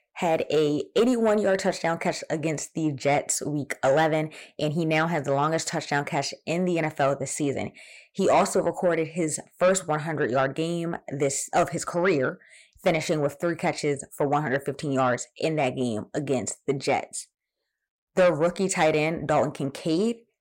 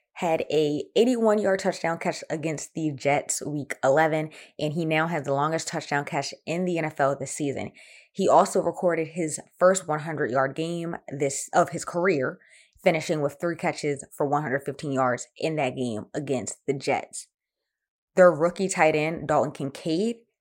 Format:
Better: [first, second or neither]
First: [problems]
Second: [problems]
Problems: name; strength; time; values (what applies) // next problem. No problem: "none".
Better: second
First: distortion; slight; 10 dB below the speech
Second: none